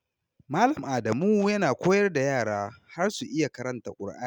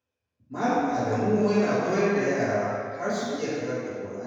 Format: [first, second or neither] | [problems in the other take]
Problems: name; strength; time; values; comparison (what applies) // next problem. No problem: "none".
first | room echo; dies away in 1.9 s